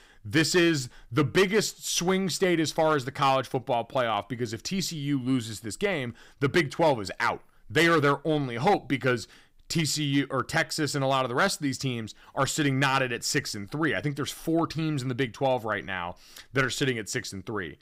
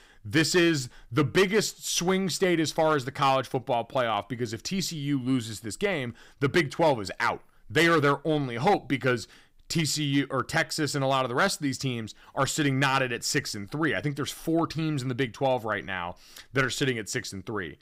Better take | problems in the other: neither | distortion; slight; 3% of the sound clipped; the same in both

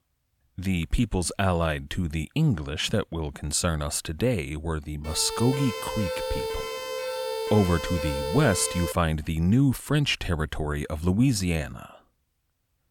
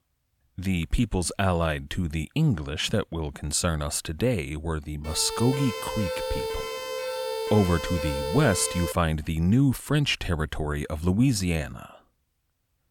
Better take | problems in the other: neither | siren; noticeable; from 5 to 9 s; peak 4 dB below the speech; the same in both

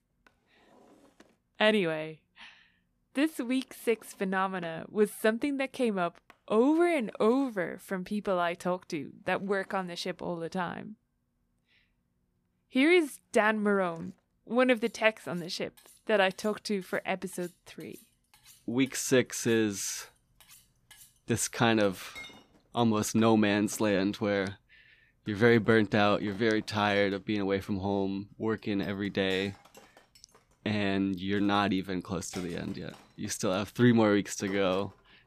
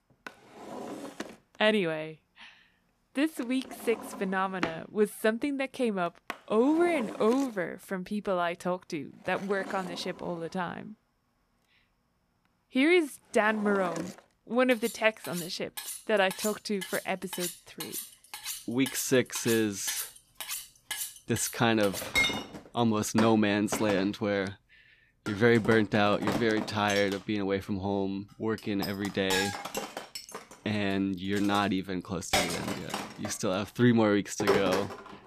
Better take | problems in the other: first | household noises; loud; throughout; 7 dB below the speech; faint in the first

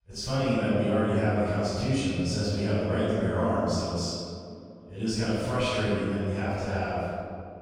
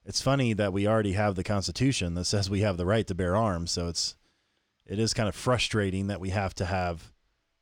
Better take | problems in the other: second | off-mic speech; far // room echo; strong; dies away in 2.2 s

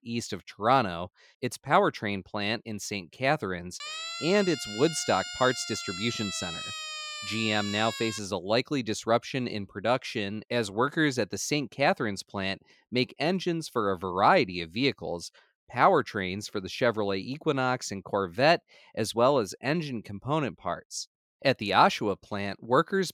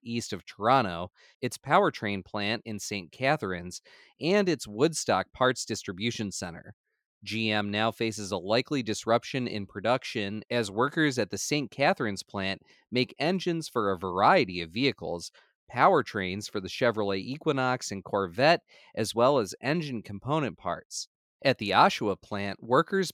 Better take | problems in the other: second | siren; noticeable; from 4 to 8 s; peak 6 dB below the speech

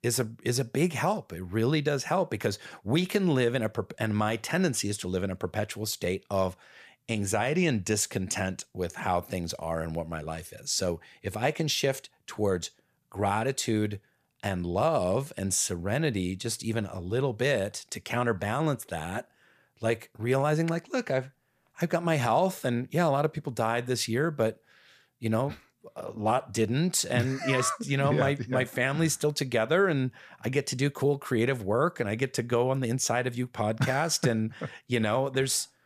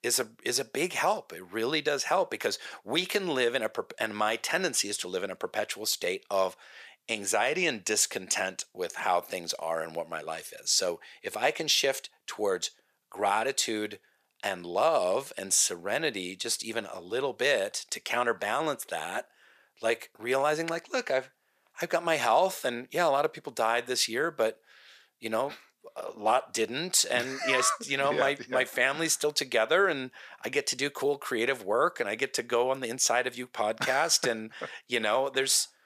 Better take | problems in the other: first | thin; somewhat; fading below 450 Hz

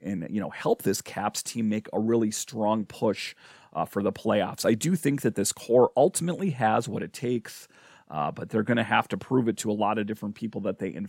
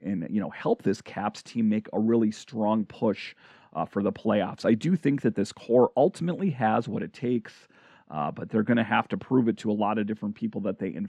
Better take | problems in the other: first | muffled; slightly; fading above 3.5 kHz

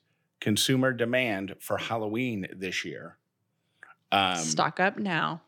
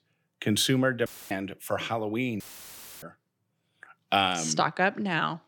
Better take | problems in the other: first | audio cutting out; filled with static; at 1 s and at 2.5 s for 0.5 s

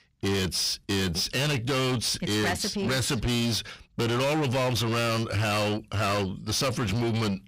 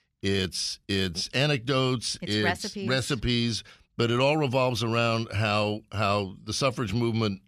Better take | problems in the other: second | distortion; heavy; 6 dB below the speech

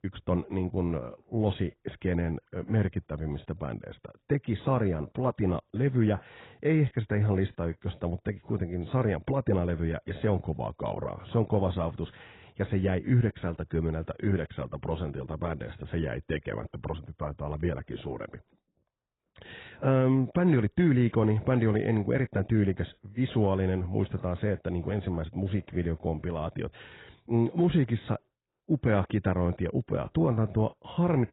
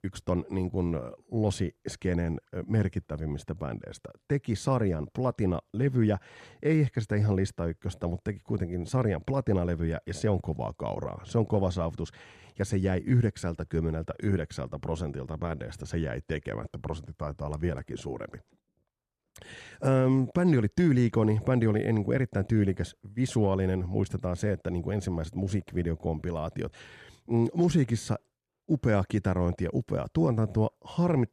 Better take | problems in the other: second | garbled, watery; badly; nothing above 4 kHz

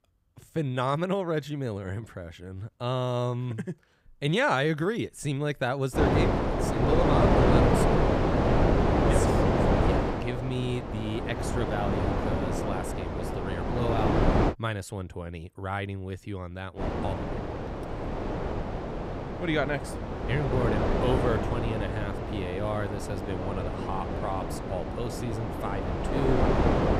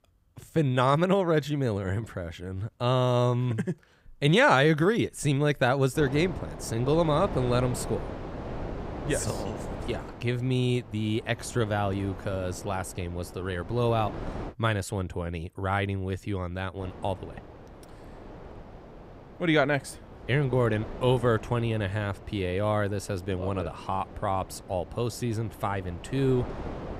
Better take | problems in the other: second | wind noise on the microphone; heavy; from 6 to 15 s and from 17 s on; 3 dB above the speech; occasional gusts in the second

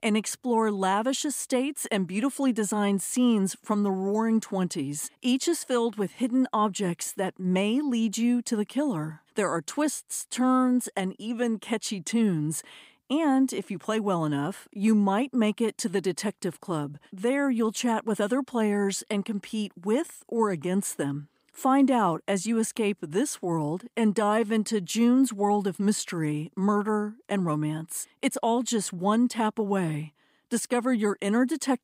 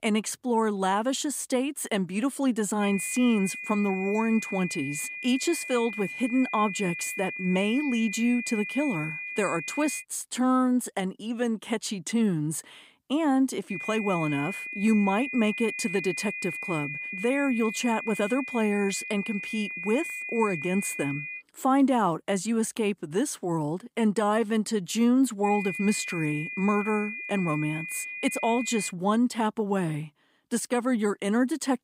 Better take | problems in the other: first | high-pitched whine; loud; from 3 to 10 s, from 14 to 21 s and from 25 to 29 s; 2.5 kHz, 7 dB below the speech

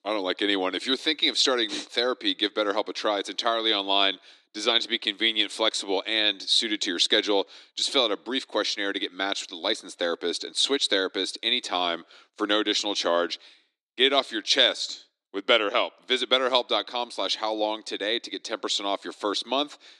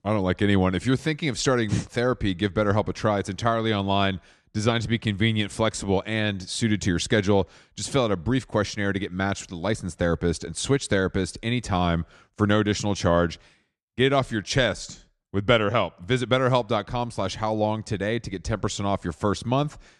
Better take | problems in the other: second | thin; somewhat; fading below 300 Hz

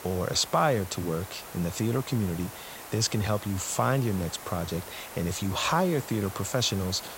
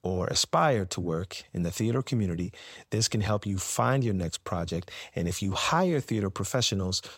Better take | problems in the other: second | hiss; noticeable; throughout; 15 dB below the speech

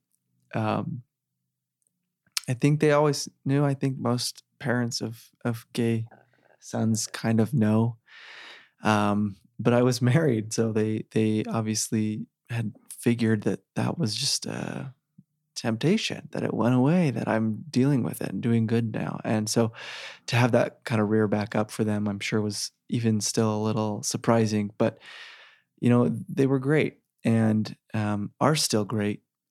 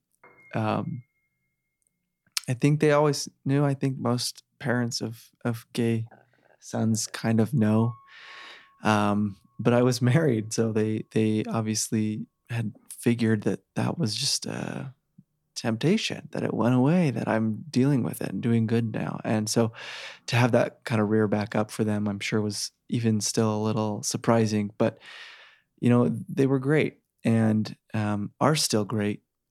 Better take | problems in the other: first | background music; faint; throughout; 30 dB below the speech

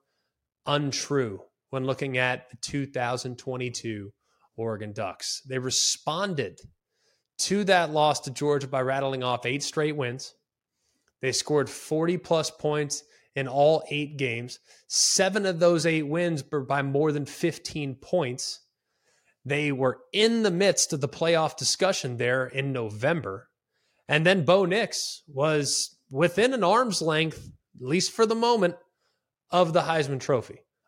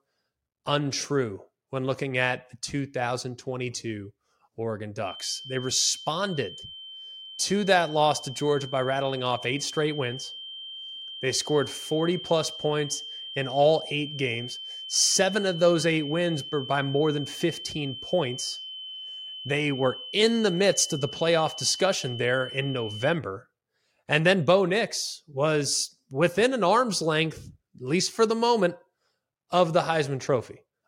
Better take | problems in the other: first | high-pitched whine; noticeable; from 5 to 23 s; 3 kHz, 10 dB below the speech

